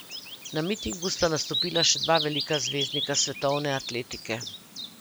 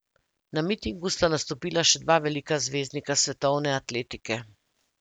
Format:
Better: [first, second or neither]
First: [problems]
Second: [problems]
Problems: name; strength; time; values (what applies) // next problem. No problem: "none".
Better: second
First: background sound (Bird vocalization, bird call, bird song); 5 dB below the speech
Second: none